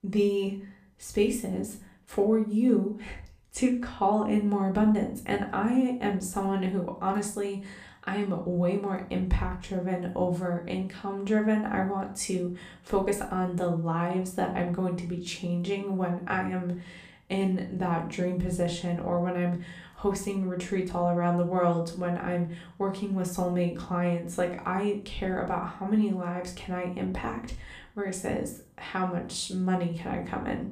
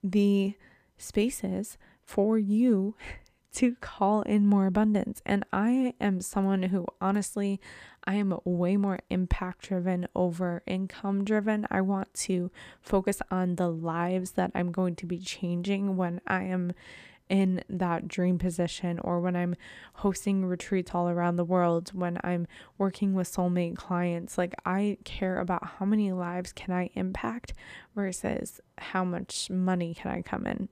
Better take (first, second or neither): second